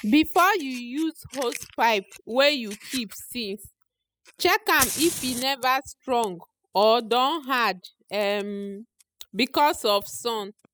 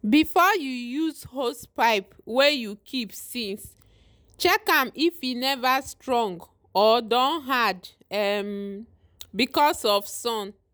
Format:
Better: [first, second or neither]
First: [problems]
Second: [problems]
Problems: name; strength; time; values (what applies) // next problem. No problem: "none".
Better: second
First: noise reduction (classical method spectral subtraction)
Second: none